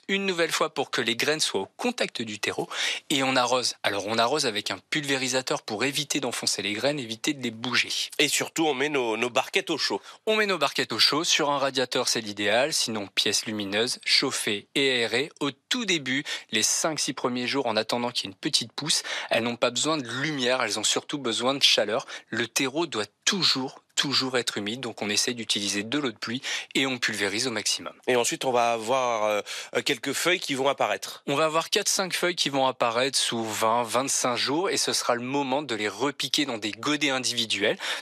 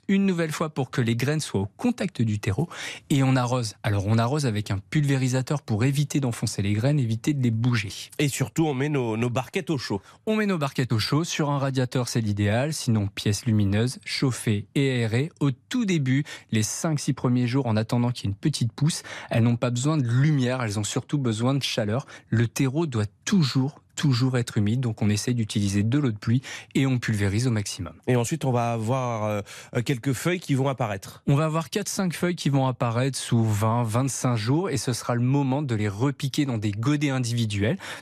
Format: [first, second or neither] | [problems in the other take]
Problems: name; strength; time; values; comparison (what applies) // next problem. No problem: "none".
second | thin; somewhat; fading below 450 Hz